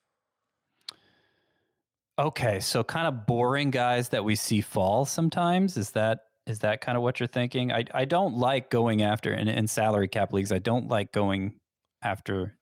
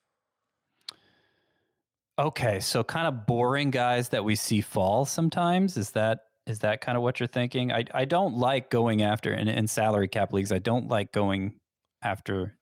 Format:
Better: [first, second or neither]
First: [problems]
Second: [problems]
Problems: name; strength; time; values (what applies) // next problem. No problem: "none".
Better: neither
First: none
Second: none